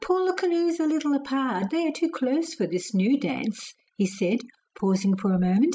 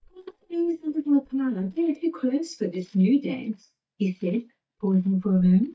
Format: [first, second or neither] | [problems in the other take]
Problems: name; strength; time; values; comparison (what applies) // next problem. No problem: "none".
first | noise reduction (neural mask model DeepFilterNet 3)